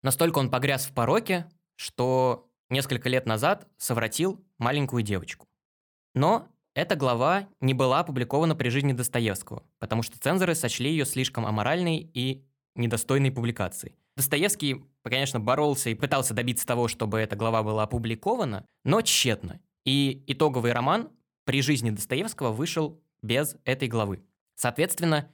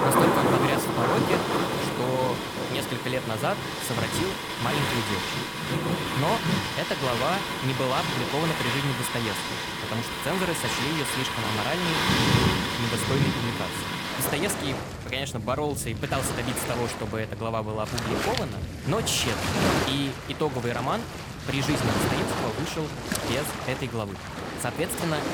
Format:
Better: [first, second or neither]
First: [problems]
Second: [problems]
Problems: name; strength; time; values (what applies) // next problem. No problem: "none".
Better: first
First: none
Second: rain or running water; very loud; throughout; 2 dB above the speech